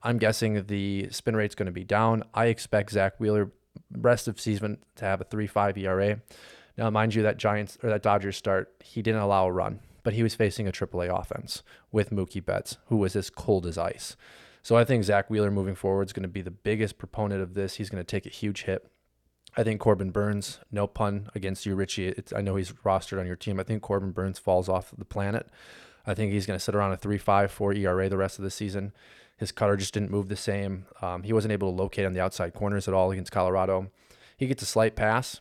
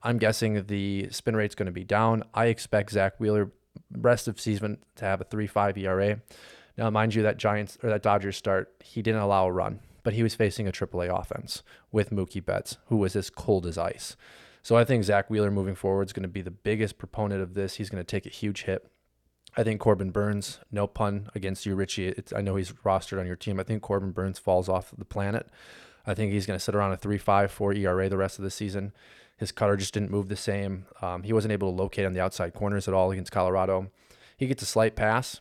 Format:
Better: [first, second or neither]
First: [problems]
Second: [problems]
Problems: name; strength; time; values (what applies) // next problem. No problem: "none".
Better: neither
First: none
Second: none